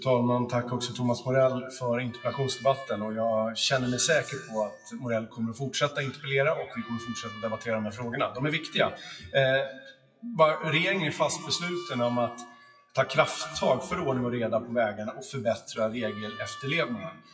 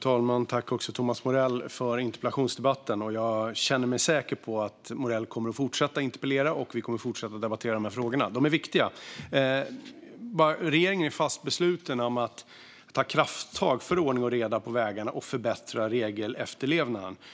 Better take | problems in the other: second | noise reduction (classical method WPE with log-MMSE)

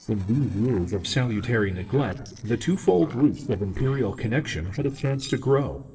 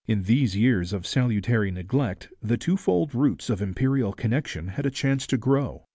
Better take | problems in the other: second | noise reduction (neural separator model SepFormer DNS4)

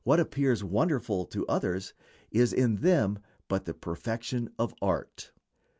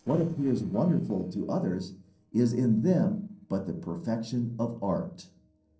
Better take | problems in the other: first | noise reduction (neural separator model SepFormer DNS4)

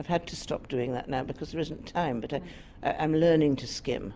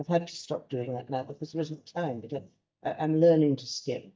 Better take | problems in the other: first | noise reduction (neural mask model DeepFilterNet 3)

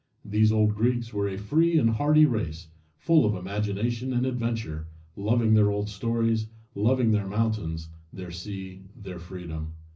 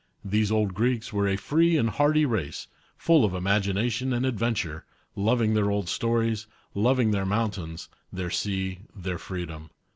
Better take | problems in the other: second | room echo; dies away in 0.4 s

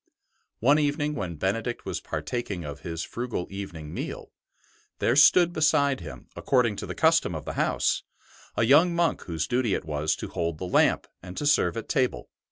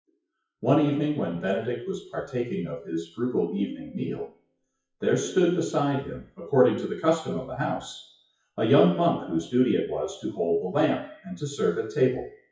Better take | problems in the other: first | noise reduction (classical method WPE with log-MMSE)

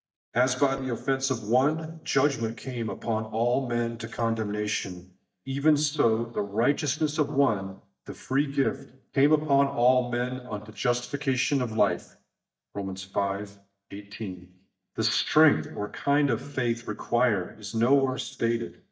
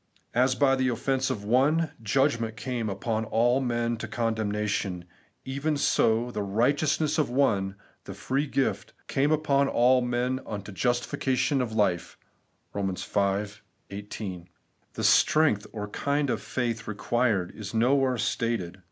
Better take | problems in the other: second | noise reduction (neural mask model DeepFilterNet 3)

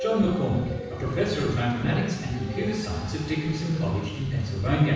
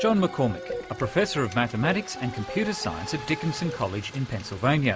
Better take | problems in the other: second | background sound (Breathing); 15 dB below the speech // room echo; dies away in 1.1 s

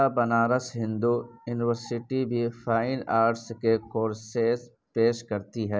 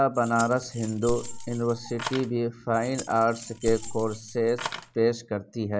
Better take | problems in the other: first | background sound (Keys jangling); 10 dB below the speech

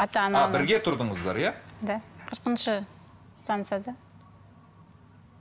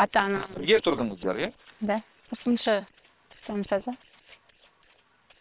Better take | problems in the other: first | noise reduction (neural separator model SepFormer WHAM!)

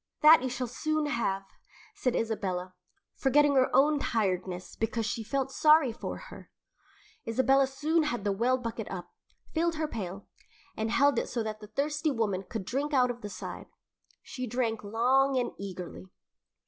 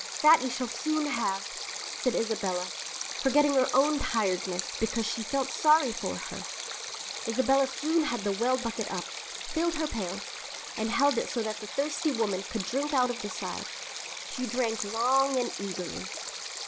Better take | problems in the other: first | background sound (Stream); 8 dB below the speech

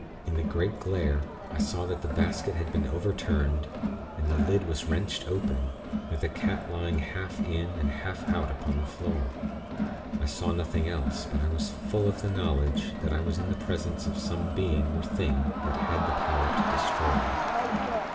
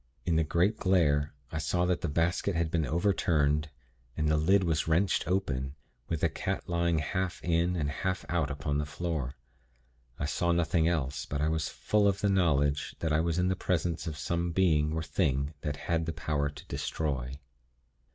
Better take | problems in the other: second | background sound (Crowd); 1 dB below the speech // room echo; dies away in 2.6 s

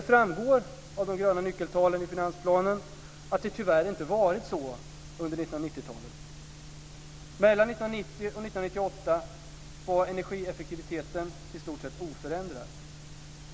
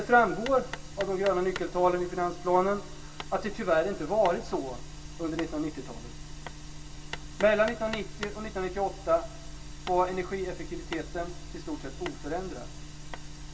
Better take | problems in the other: first | background sound (Hammer); 17 dB below the speech // room echo; dies away in 0.2 s

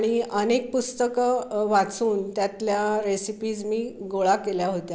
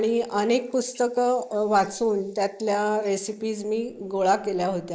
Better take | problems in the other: first | noise reduction (neural mask model Resemble Enhance denoiser)

